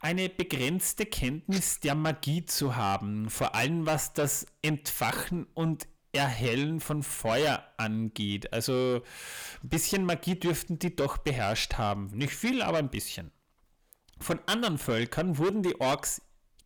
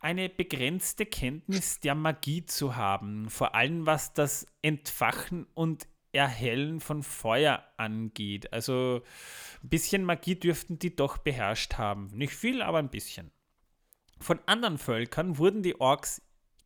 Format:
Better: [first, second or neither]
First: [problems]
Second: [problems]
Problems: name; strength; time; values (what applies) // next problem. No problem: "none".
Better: second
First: distortion; heavy; 7 dB below the speech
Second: none